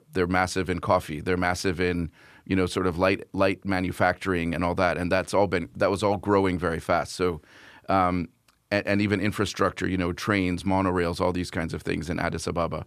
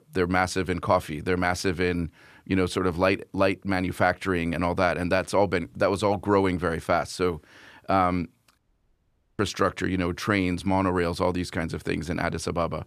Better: first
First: none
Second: audio cutting out; at 8.5 s for 1 s

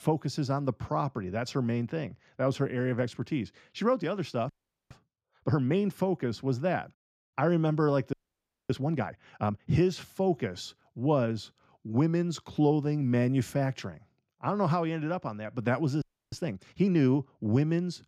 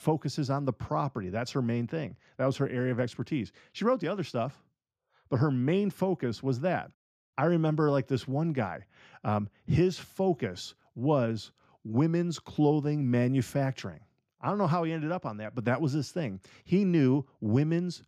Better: second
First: audio freezing; at 4.5 s, at 8 s for 0.5 s and at 16 s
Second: none

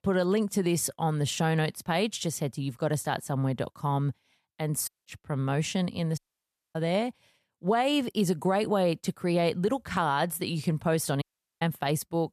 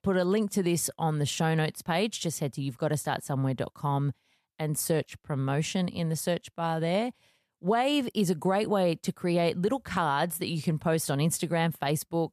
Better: second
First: audio cutting out; at 5 s, at 6 s for 0.5 s and at 11 s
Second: none

